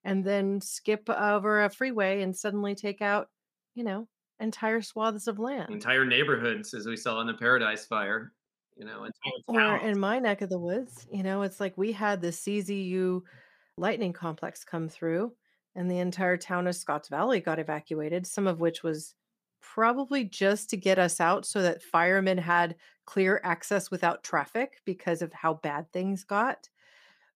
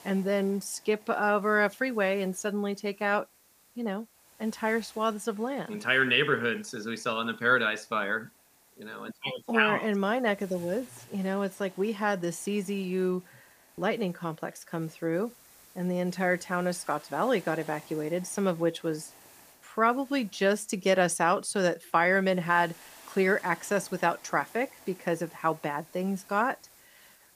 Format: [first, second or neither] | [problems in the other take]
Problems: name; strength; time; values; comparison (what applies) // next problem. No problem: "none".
first | hiss; faint; throughout; 25 dB below the speech